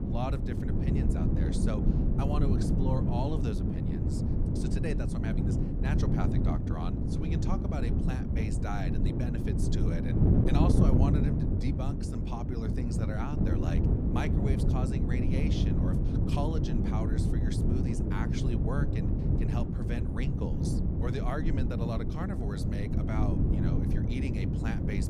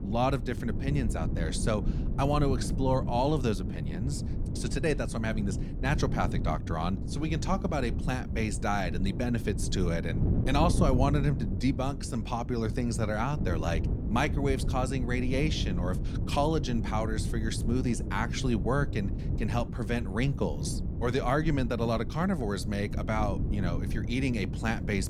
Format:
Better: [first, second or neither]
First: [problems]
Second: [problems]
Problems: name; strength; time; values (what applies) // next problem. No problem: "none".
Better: second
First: wind noise on the microphone; heavy; 2 dB above the speech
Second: wind noise on the microphone; occasional gusts; 10 dB below the speech